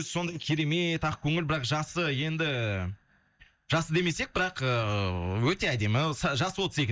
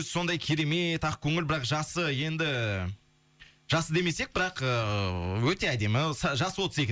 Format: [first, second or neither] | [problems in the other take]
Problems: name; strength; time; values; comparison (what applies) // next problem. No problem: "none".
second | noise reduction (neural mask model DeepFilterNet 3)